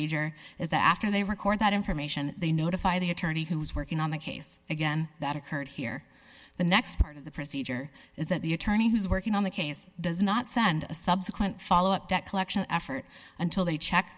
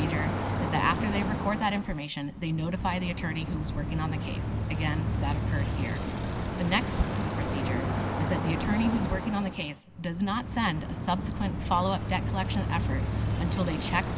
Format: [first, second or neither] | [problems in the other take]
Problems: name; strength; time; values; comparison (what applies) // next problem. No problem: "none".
first | background sound (Bicycle); 1 dB above the speech